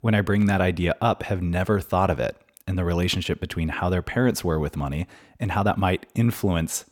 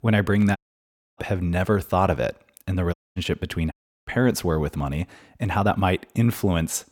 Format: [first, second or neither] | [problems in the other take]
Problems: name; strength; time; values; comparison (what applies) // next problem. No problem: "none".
first | audio cutting out; at 0.5 s for 0.5 s, at 3 s and at 3.5 s